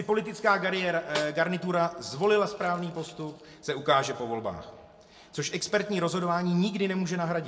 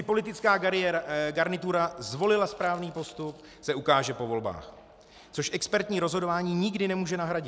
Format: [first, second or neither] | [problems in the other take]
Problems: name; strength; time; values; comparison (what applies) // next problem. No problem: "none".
second | background sound (Snare drum); 13 dB below the speech // room echo; dies away in 0.8 s